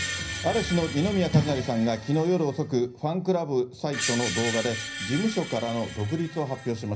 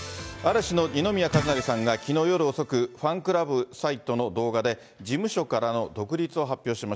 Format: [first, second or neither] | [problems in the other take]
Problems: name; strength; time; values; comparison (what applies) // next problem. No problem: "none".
second | background sound (Screech); 9 dB below the speech // room echo; dies away in 0.5 s